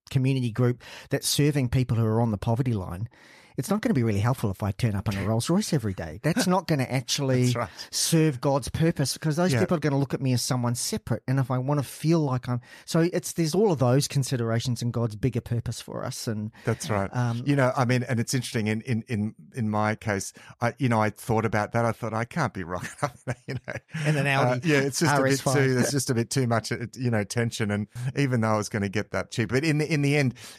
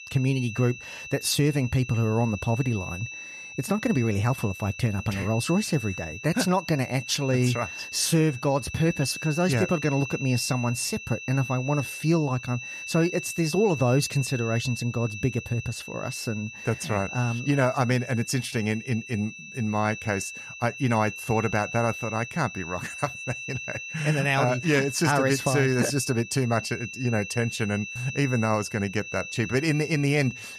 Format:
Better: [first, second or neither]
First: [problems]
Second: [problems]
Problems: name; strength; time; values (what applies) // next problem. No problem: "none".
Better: first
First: none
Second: high-pitched whine; loud; throughout; 2.5 kHz, 10 dB below the speech